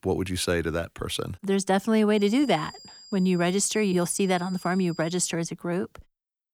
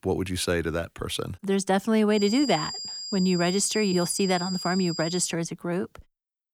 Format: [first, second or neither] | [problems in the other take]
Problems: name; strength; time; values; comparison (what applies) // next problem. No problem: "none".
first | high-pitched whine; loud; from 2 to 5.5 s; 5 kHz, 7 dB below the speech; faint in the first